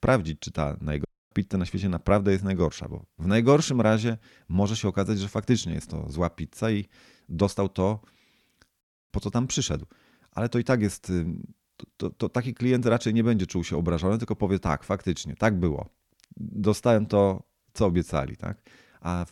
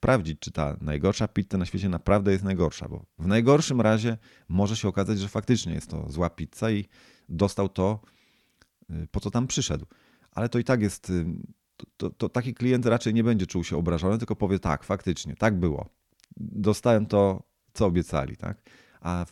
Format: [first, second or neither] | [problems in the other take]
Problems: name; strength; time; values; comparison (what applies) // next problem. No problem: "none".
second | audio cutting out; at 1 s and at 9 s